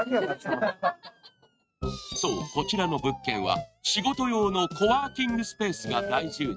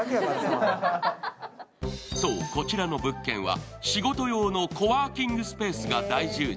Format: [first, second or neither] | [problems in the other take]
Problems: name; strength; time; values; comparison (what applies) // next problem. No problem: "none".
second | noise reduction (neural mask model RNNoise)